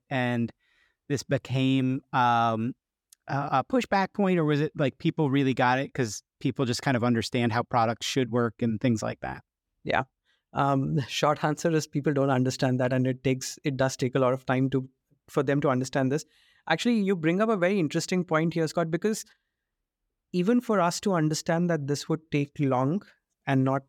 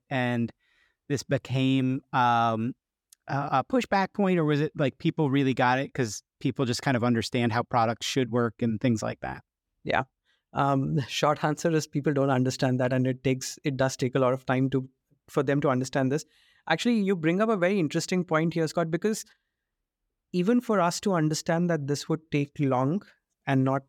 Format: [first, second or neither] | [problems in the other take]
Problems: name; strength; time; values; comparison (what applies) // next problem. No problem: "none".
neither | none